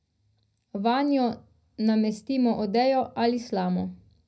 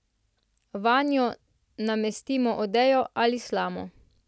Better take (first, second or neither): second